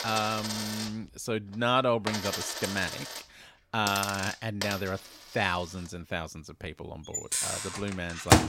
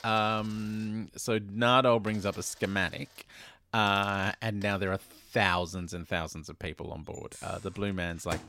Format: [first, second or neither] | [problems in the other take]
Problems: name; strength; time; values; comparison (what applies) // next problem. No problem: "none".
second | household noises; loud; throughout; 2 dB below the speech; faint in the second